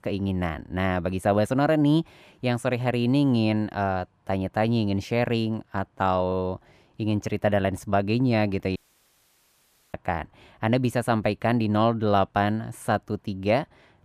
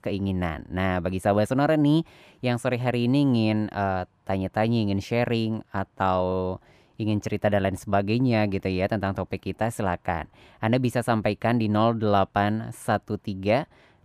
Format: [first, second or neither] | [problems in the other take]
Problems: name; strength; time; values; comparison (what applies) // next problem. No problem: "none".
second | audio cutting out; at 9 s for 1 s